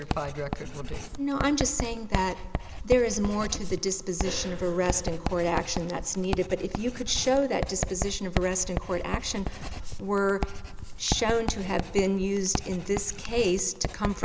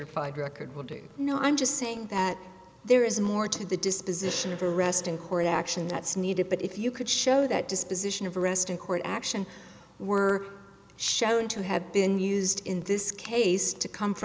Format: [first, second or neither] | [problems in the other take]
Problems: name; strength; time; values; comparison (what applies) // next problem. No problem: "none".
second | background sound (Writing); 5 dB below the speech